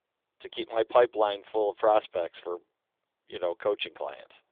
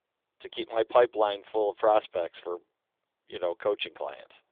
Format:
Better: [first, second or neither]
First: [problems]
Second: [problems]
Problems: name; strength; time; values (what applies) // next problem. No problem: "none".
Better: neither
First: phone-call audio; nothing above 3.5 kHz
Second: phone-call audio; nothing above 3.5 kHz